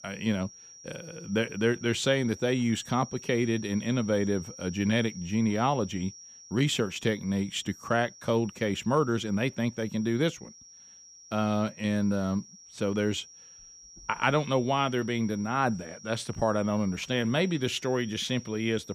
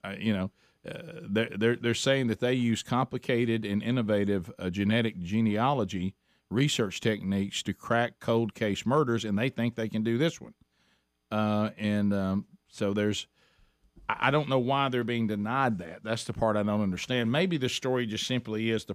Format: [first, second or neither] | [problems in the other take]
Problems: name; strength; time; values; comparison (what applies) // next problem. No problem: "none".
second | high-pitched whine; noticeable; throughout; 5.5 kHz, 20 dB below the speech